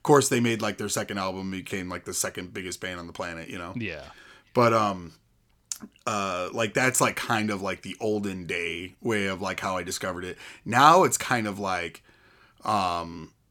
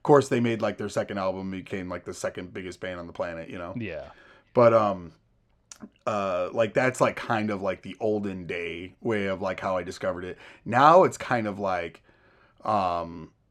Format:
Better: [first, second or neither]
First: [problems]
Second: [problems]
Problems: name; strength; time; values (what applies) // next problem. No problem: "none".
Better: first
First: none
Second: muffled; slightly; fading above 2 kHz